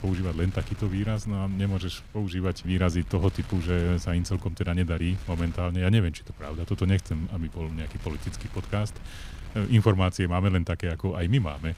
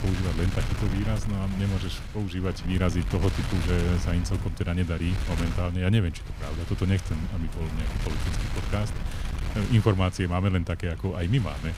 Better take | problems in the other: first | wind noise on the microphone; heavy; 6 dB below the speech; occasional gusts in the first

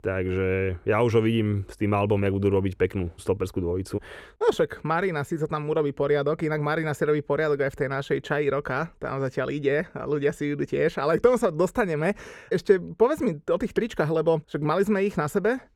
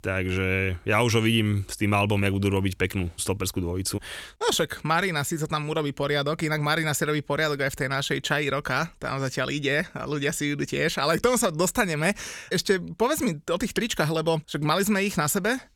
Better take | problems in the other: second | muffled; slightly; fading above 2.5 kHz

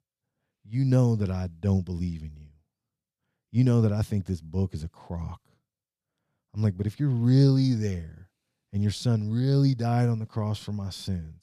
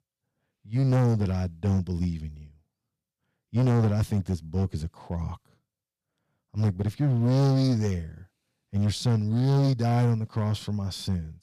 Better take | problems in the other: first | distortion; slight; 9% of the sound clipped

